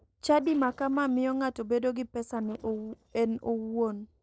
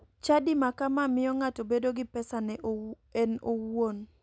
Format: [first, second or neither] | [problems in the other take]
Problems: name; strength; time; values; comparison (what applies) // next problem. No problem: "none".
second | noise reduction (neural separator model SepFormer DNS4)